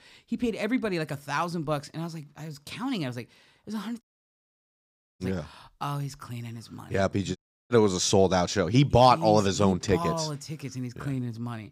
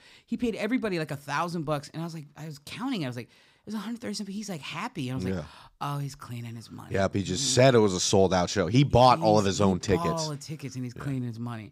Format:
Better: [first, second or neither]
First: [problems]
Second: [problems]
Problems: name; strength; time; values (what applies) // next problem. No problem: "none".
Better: second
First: audio cutting out; at 4 s for 1 s and at 7.5 s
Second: none